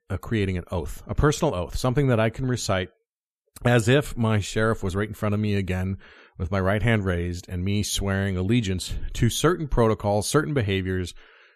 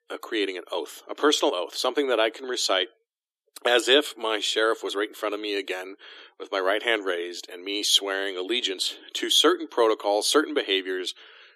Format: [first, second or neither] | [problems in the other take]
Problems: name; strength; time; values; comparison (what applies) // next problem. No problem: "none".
first | thin; very; fading below 300 Hz